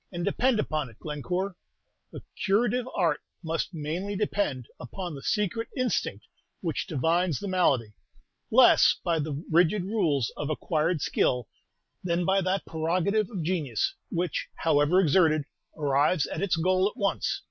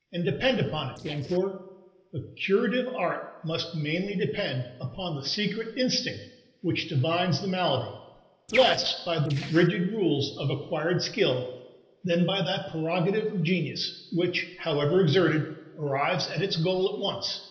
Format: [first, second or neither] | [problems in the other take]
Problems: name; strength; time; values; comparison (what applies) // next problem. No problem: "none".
first | noise reduction (neural separator model SepFormer DNS4)